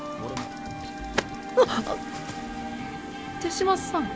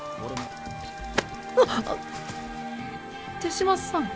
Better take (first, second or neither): second